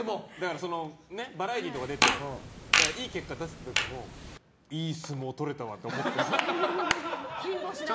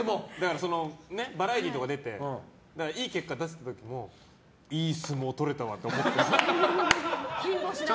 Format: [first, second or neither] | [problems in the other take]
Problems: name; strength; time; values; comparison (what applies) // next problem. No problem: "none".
second | background sound (Fart); 3 dB above the speech